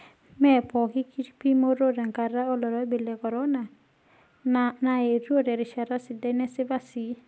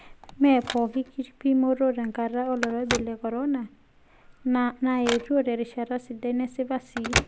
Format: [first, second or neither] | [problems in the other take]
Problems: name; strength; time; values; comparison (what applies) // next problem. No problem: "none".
first | background sound (Telephone); 10 dB below the speech